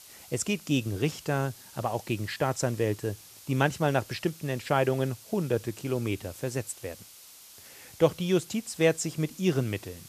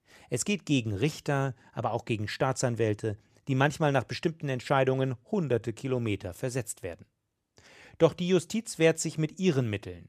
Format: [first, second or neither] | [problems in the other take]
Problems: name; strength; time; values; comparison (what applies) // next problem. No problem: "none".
second | hiss; noticeable; throughout; 20 dB below the speech